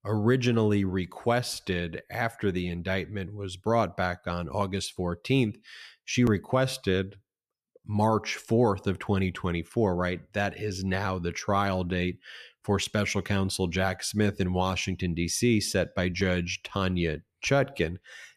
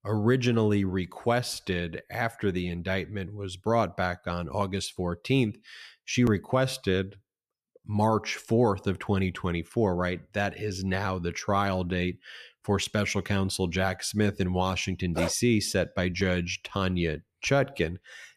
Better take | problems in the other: first | dog barking; noticeable; at 15 s; peak 6 dB below the speech

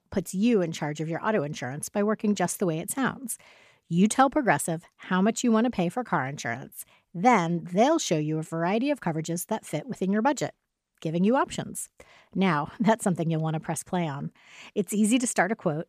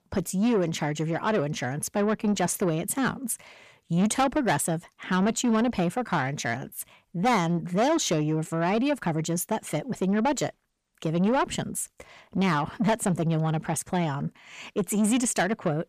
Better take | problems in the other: first | distortion; slight; 10 dB below the speech

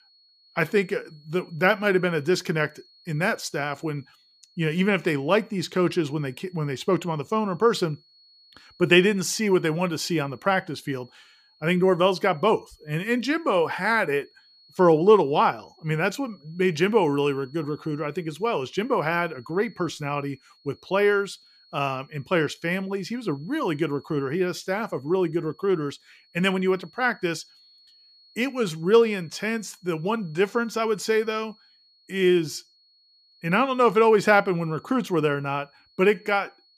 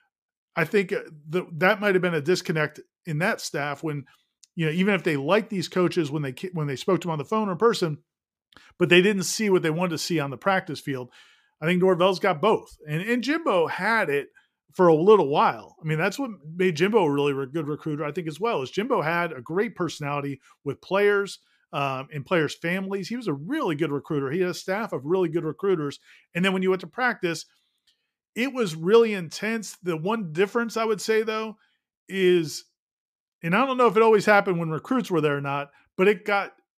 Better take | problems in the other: second | high-pitched whine; faint; throughout; 4.5 kHz, 30 dB below the speech

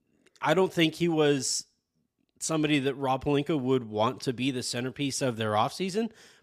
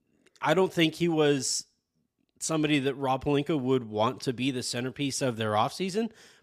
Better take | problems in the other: neither | none

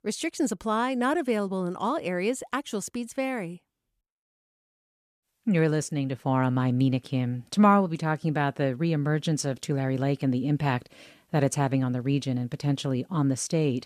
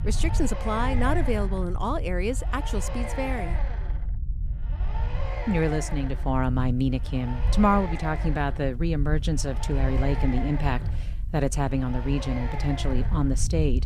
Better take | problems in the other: first | low rumble; loud; throughout; 9 dB below the speech

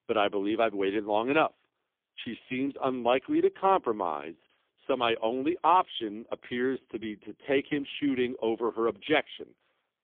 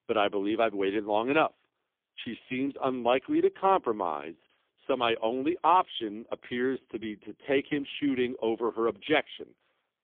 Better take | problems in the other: neither | phone-call audio; poor line; nothing above 3.5 kHz; the same in both

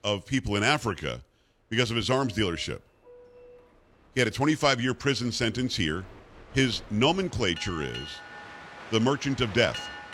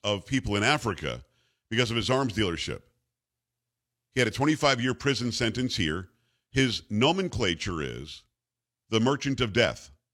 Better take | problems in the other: second | train or aircraft noise; noticeable; throughout; 15 dB below the speech

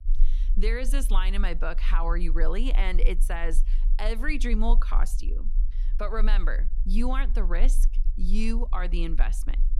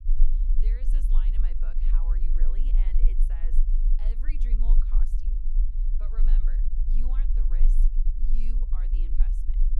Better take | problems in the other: first | low rumble; loud; throughout; 2 dB below the speech; faint in the first

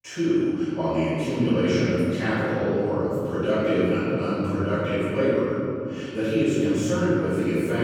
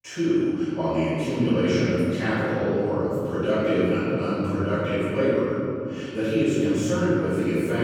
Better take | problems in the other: neither | off-mic speech; far; the same in both // room echo; strong; dies away in 3 s; the same in both

